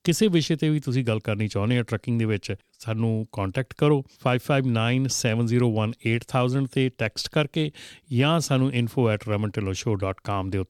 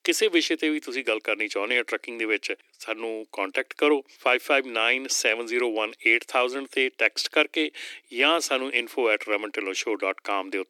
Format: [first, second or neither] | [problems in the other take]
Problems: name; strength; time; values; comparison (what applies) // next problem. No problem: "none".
first | thin; very; fading below 300 Hz